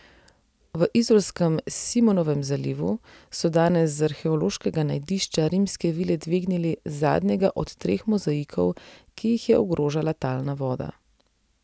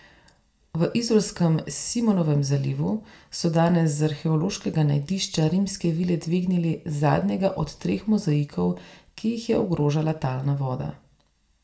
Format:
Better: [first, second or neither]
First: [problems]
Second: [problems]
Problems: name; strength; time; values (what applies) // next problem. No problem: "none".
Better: first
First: none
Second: room echo; dies away in 0.4 s